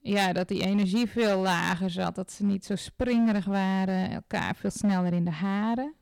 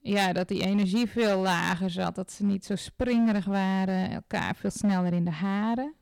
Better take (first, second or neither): neither